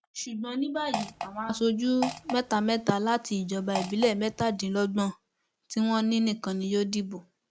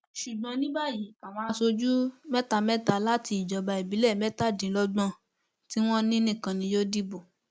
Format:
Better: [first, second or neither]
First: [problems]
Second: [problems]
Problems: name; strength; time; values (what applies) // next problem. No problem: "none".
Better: second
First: background sound (Fart); 9 dB below the speech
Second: none